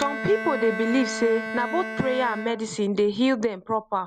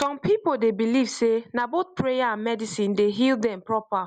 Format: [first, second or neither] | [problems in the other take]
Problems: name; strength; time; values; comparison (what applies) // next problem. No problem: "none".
second | background sound (Bowed string instrument); 9 dB below the speech